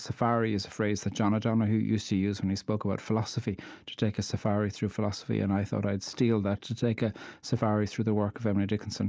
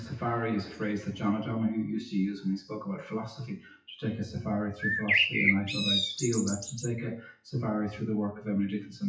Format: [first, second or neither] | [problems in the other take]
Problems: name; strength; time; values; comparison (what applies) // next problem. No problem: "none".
first | noise reduction (classical method WPE with log-MMSE)